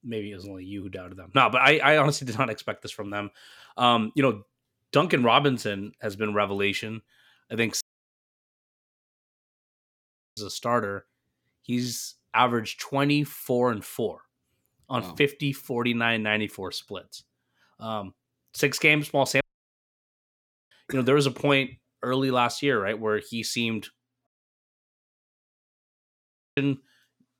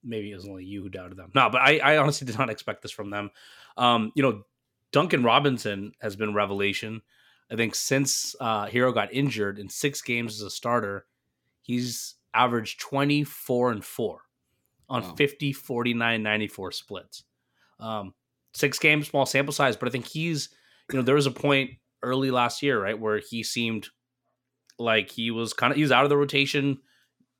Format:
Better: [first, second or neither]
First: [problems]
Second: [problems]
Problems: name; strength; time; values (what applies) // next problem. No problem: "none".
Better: second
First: audio cutting out; at 8 s for 2.5 s, at 19 s for 1.5 s and at 24 s for 2.5 s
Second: none